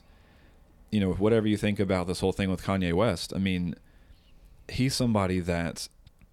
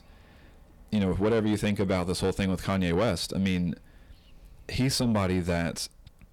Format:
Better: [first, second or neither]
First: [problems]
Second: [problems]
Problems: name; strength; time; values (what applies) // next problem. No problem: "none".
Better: first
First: none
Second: distortion; slight; 10 dB below the speech